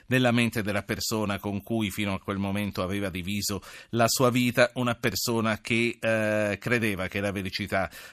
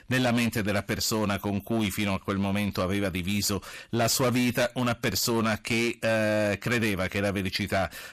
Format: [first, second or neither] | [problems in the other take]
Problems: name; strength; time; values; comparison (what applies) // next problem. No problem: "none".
first | distortion; heavy; 15% of the sound clipped